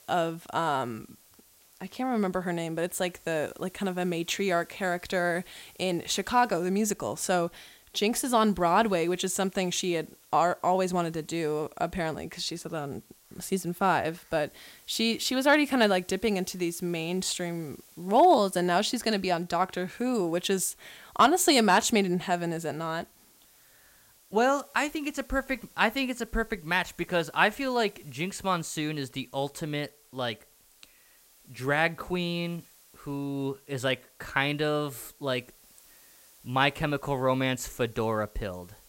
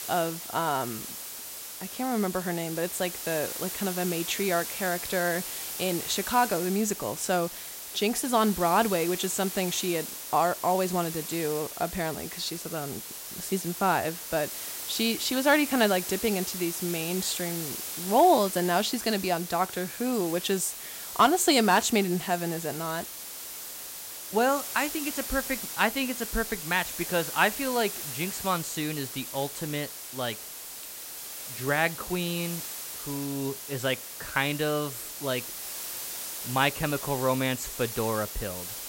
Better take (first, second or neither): first